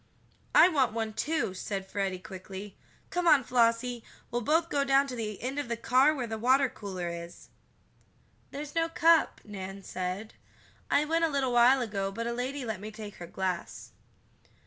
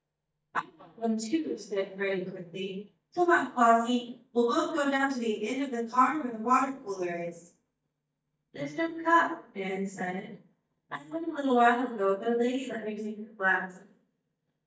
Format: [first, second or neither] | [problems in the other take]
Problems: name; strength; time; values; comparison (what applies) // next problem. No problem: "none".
first | noise reduction (neural mask model DeepFilterNet 3)